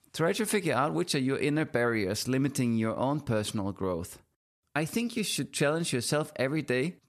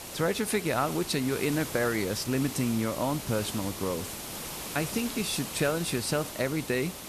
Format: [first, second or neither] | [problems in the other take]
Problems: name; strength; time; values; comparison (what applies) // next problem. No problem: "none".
first | hiss; loud; throughout; 8 dB below the speech